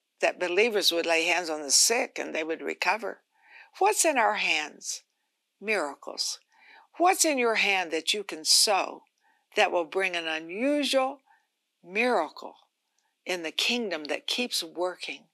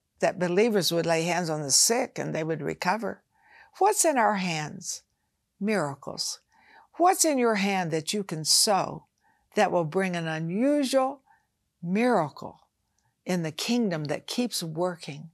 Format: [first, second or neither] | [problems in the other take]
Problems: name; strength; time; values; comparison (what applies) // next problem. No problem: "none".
second | thin; very slightly; fading below 250 Hz